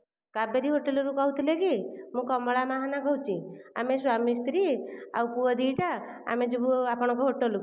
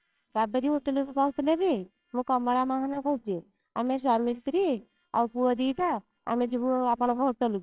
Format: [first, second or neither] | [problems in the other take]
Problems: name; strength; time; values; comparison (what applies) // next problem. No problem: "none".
first | noise reduction (neural separator model SepFormer WHAMR!)